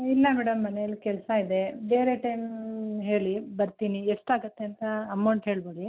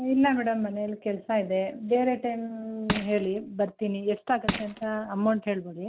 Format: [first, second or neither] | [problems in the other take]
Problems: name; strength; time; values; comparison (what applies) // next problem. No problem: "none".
first | background sound (Crushing); 5 dB below the speech